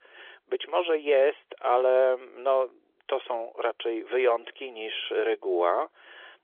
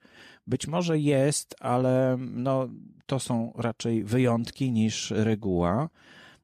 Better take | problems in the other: second | phone-call audio; nothing above 3.5 kHz

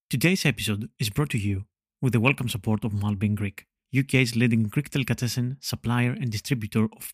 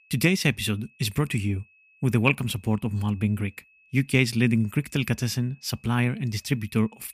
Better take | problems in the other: first | high-pitched whine; faint; throughout; 2.5 kHz, 30 dB below the speech

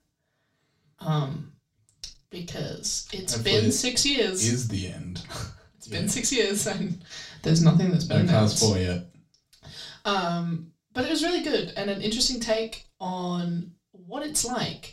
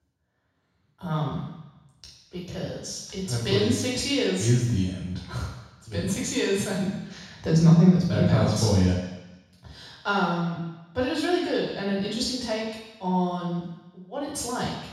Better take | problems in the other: first | room echo; strong; dies away in 1.1 s; slight in the first // off-mic speech; far; far in the first

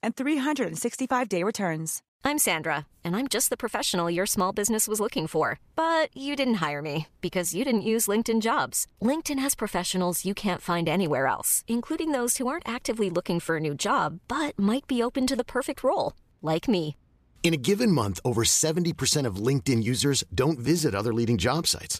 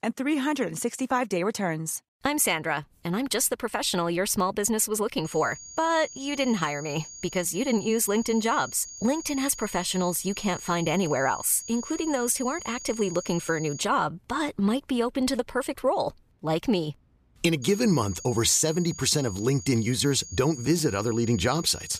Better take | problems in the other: first | high-pitched whine; noticeable; from 5.5 to 14 s and from 18 s on; 6.5 kHz, 15 dB below the speech

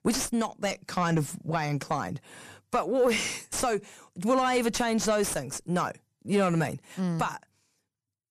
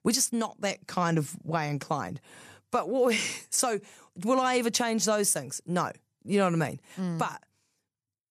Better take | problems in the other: second | distortion; slight; 8 dB below the speech

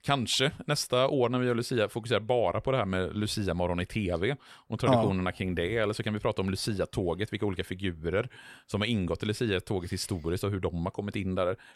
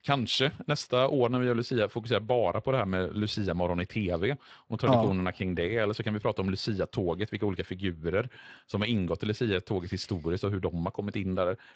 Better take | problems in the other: first | garbled, watery; slightly; nothing above 7.5 kHz

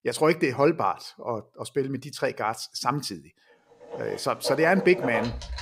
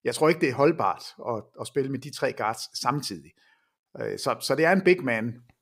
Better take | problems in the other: second | household noises; loud; from 4 s on; 8 dB below the speech

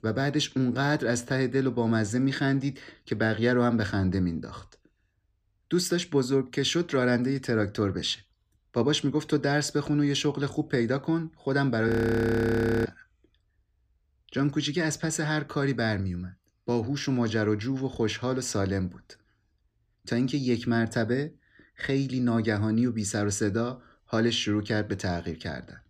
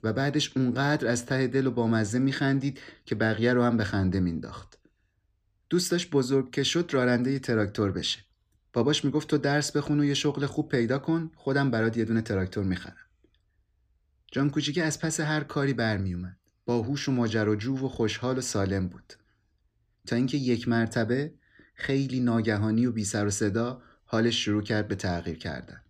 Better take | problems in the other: second | audio freezing; at 12 s for 1 s

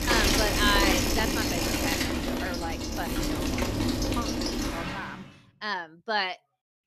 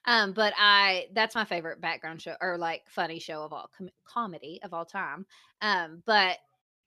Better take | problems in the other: second | traffic noise; very loud; until 5 s; 4 dB above the speech

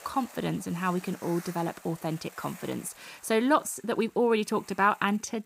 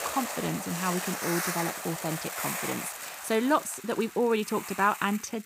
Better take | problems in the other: first | hiss; loud; throughout; 5 dB below the speech; faint in the first

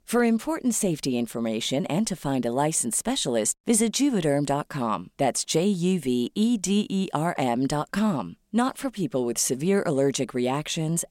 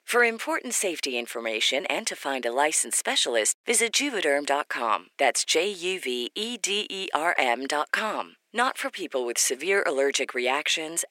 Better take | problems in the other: first | thin; very; fading below 350 Hz

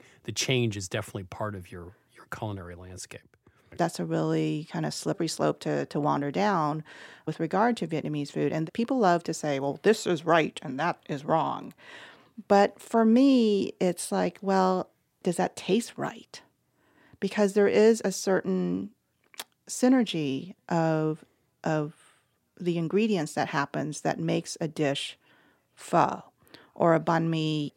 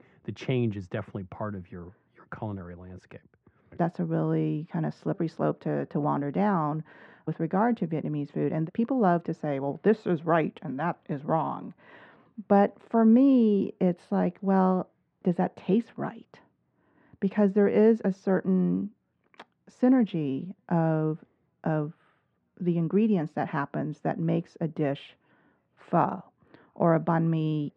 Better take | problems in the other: first | muffled; very; fading above 1.5 kHz

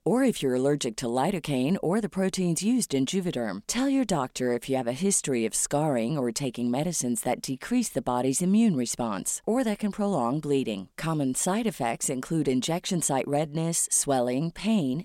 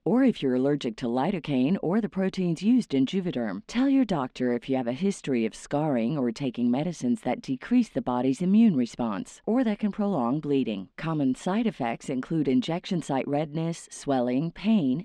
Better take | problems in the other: first | muffled; slightly; fading above 3 kHz

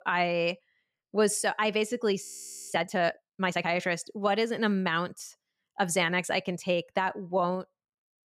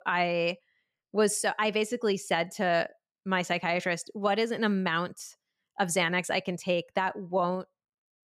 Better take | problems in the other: second | audio freezing; at 2 s

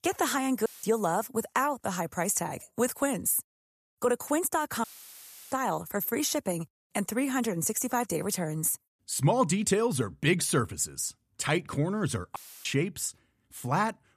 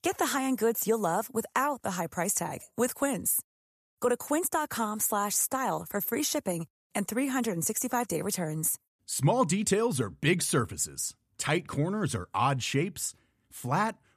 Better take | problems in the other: second | audio cutting out; filled with static; at 0.5 s, at 5 s for 0.5 s and at 12 s

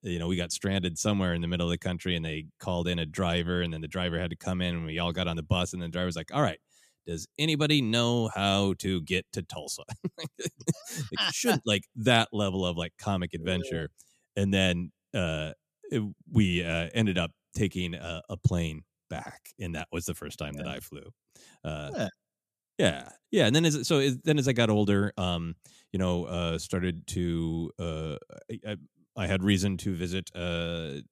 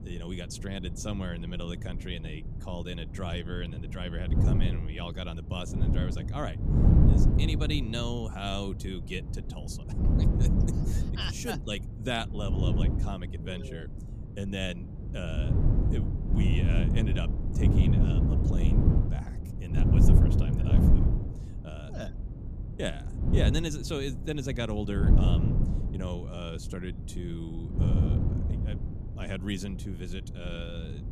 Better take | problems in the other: first | wind noise on the microphone; heavy; 1 dB below the speech

